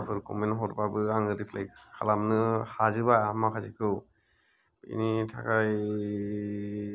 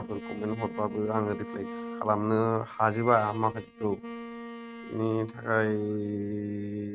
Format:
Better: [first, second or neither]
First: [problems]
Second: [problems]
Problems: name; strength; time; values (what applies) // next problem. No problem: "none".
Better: first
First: none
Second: noise reduction (neural mask model RNNoise)